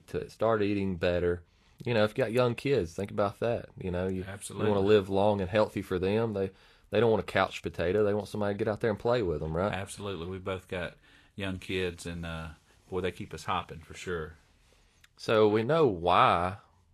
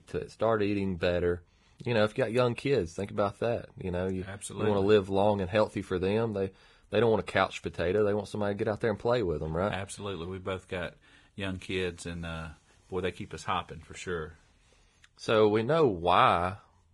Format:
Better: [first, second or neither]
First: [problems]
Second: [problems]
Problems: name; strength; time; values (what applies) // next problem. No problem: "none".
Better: first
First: garbled, watery; slightly; nothing above 12.5 kHz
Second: garbled, watery; badly; nothing above 10.5 kHz